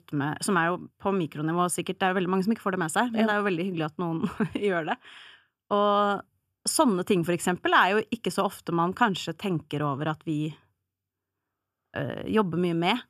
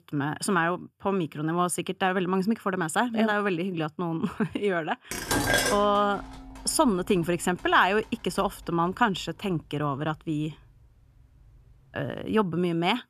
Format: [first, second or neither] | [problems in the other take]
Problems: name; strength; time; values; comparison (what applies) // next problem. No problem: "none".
first | clattering dishes; loud; from 5 to 6 s; peak 3 dB above the speech